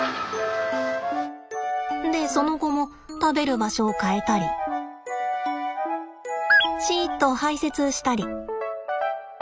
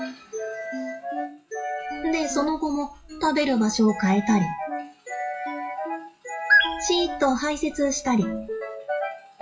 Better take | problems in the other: first | noise reduction (classical method WPE with log-MMSE)

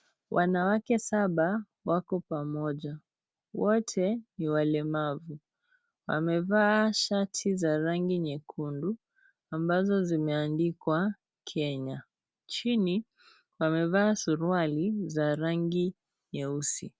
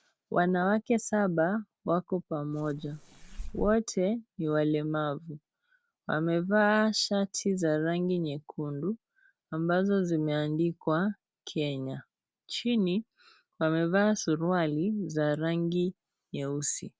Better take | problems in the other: first | background sound (Fireworks); 11 dB below the speech

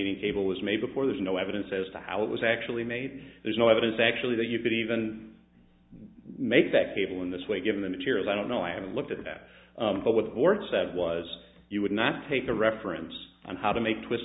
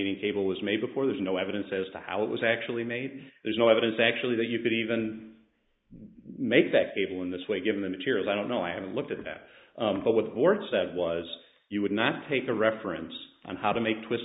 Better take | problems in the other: first | noise reduction (neural mask model Resemble Enhance denoiser)

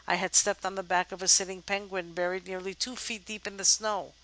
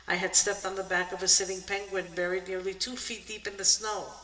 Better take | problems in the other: first | room echo; dies away in 1.9 s

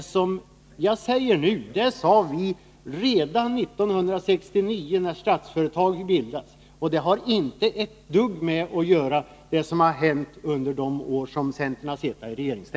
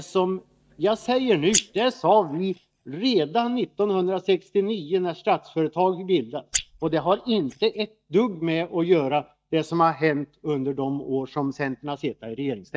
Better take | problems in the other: first | noise reduction (neural mask model DeepFilterNet 3)

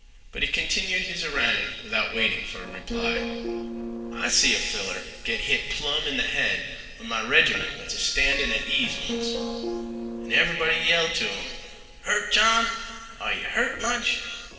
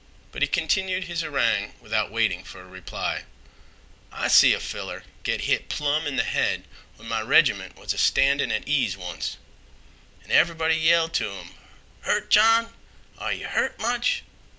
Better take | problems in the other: second | noise reduction (neural separator model SepFormer DNS4)

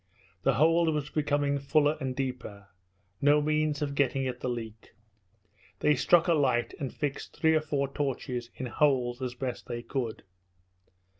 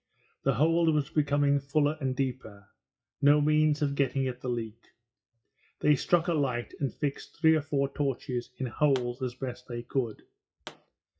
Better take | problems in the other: first | noise reduction (classical method WPE with log-MMSE)

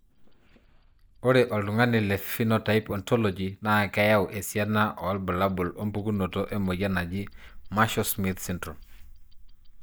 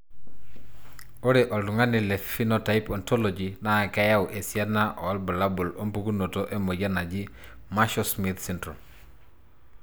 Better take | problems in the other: second | noise reduction (neural mask model DeepFilterNet 3)

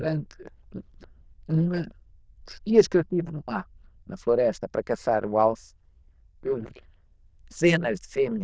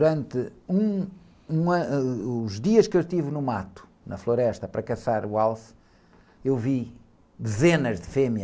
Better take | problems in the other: second | noise reduction (neural diffusion model UNIVERSE++)

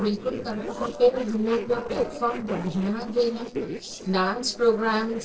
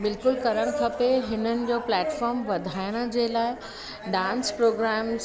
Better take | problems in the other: second | noise reduction (neural separator model SepFormer DNS4)

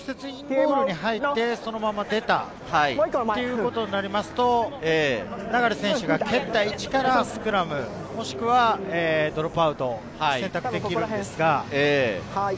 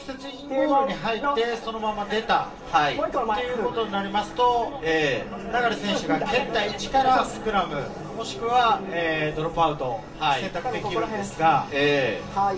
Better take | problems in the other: first | room echo; dies away in 0.3 s

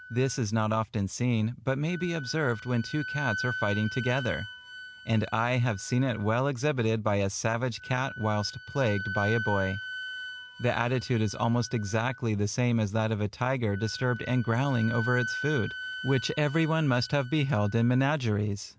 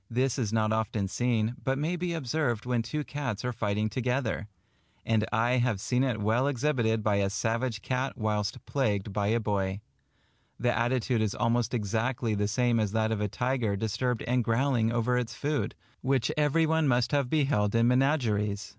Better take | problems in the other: second | background sound (Wind instrument, woodwind instrument); 12 dB below the speech

